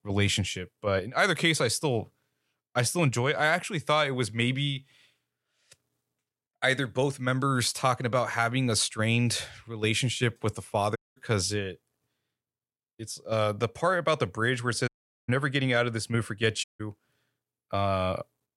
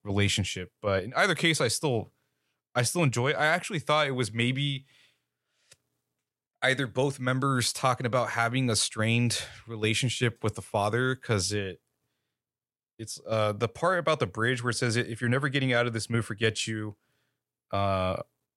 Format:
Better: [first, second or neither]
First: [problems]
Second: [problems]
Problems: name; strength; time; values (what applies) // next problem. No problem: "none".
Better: second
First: audio cutting out; at 11 s, at 15 s and at 17 s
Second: none